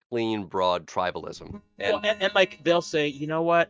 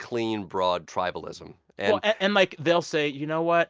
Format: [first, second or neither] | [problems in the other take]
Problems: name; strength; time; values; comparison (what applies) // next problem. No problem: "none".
second | noise reduction (neural mask model DeepFilterNet 3)